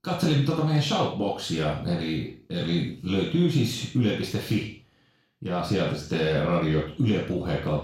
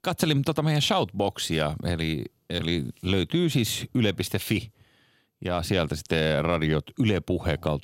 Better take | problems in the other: second | room echo; noticeable; dies away in 0.4 s // off-mic speech; far

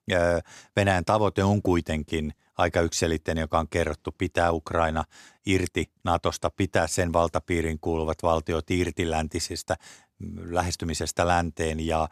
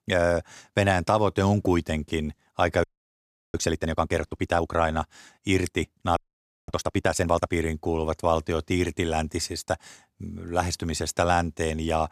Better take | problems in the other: first | audio freezing; at 3 s for 0.5 s and at 6 s for 0.5 s

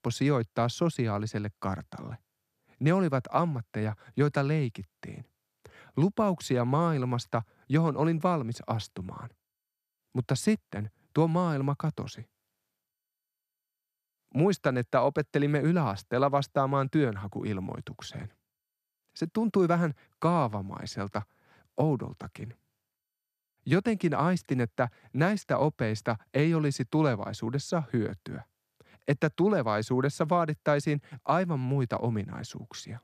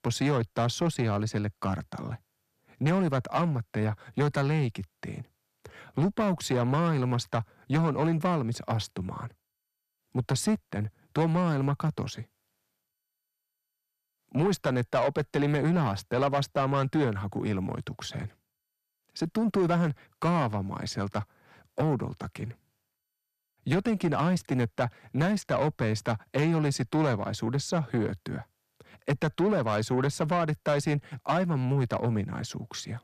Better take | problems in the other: first | distortion; slight; 10 dB below the speech

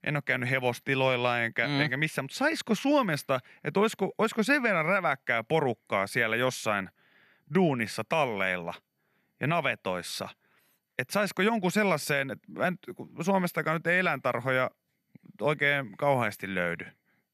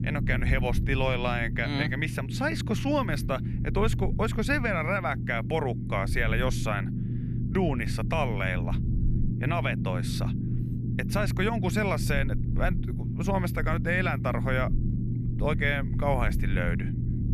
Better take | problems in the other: first | low rumble; noticeable; throughout; 10 dB below the speech

